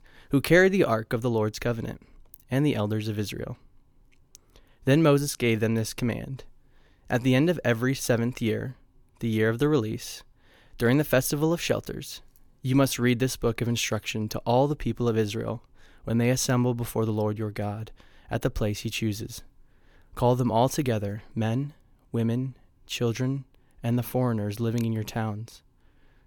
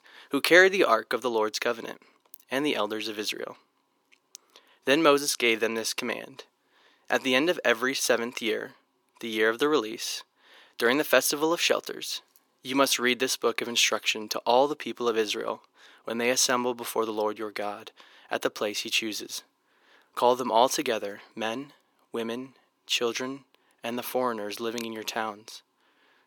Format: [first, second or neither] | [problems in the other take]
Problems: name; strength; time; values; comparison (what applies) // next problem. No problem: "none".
first | thin; somewhat; fading below 350 Hz